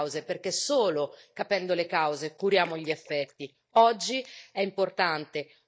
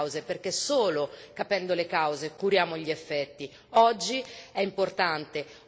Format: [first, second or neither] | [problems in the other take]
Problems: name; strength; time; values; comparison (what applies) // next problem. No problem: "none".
second | noise reduction (neural mask model DeepFilterNet 3)